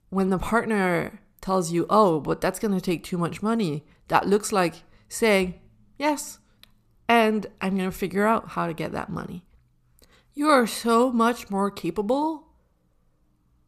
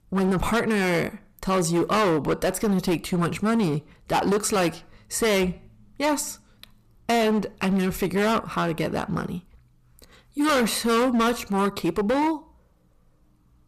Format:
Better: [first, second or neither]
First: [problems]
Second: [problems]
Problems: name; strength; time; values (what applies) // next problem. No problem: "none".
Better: first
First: none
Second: distortion; heavy; 15% of the sound clipped